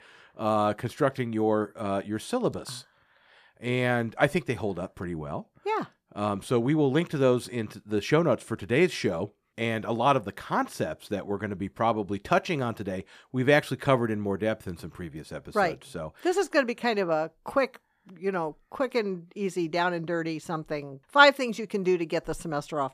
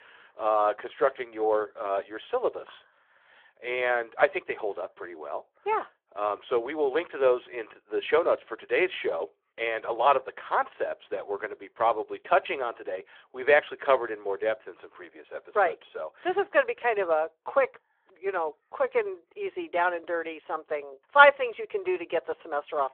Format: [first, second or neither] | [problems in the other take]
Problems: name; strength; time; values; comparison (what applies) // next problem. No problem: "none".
first | phone-call audio; nothing above 3.5 kHz